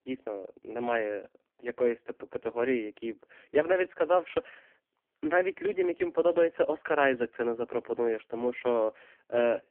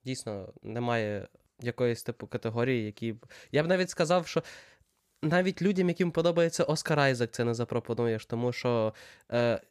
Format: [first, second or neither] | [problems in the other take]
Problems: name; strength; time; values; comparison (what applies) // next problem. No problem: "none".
second | phone-call audio; poor line